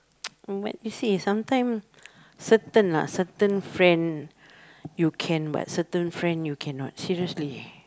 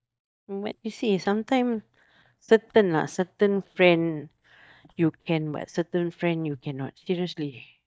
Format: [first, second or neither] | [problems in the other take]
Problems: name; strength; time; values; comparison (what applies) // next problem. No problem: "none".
first | noise reduction (neural mask model DeepFilterNet 3)